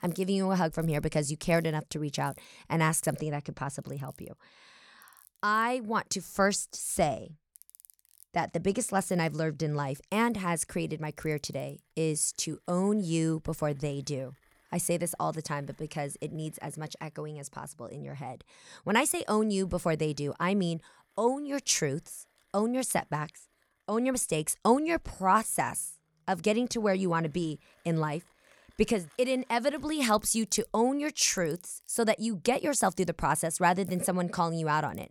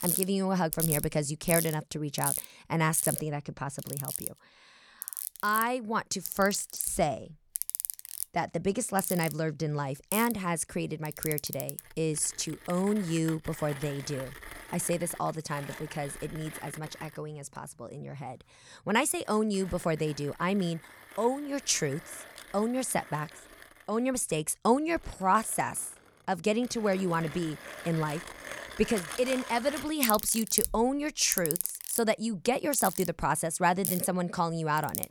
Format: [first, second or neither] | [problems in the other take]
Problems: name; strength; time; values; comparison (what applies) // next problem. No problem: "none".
first | machinery noise; loud; throughout; 5 dB below the speech; faint in the first